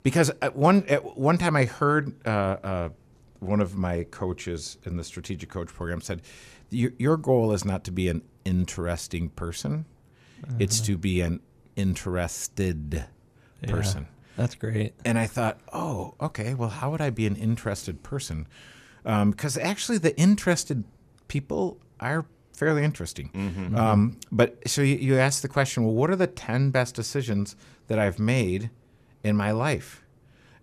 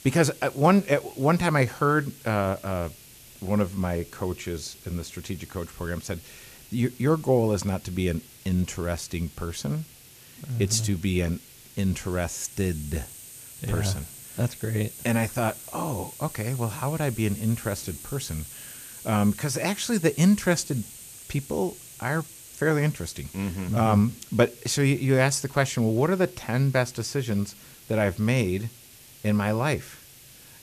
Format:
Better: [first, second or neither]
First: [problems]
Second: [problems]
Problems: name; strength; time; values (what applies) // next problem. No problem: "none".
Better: first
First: none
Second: hiss; noticeable; throughout; 15 dB below the speech